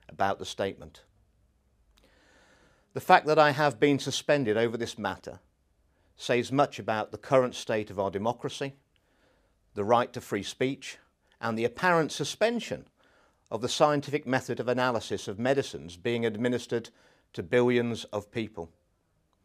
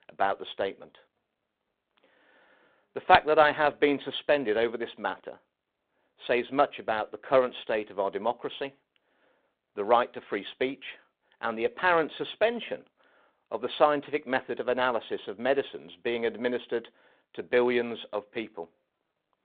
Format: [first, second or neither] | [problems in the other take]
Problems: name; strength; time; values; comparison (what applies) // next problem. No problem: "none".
first | phone-call audio; nothing above 4 kHz